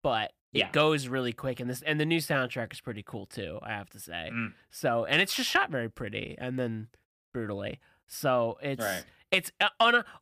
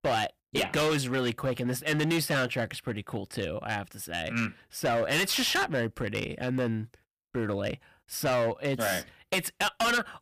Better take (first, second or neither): first